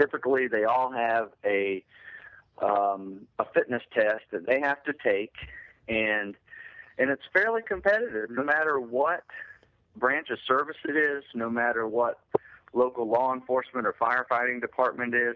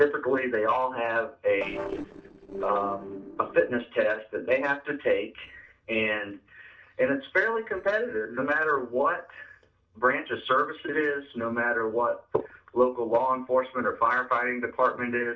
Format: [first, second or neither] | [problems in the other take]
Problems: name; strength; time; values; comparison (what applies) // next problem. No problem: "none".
first | noise reduction (neural separator model SepFormer DNS4)